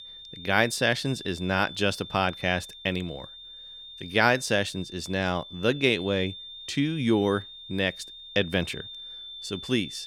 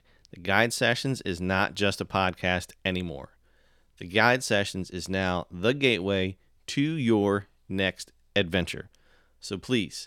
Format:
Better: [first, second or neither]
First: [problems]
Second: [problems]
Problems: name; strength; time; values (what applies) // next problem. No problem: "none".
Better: second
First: high-pitched whine; noticeable; throughout; 3.5 kHz, 15 dB below the speech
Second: none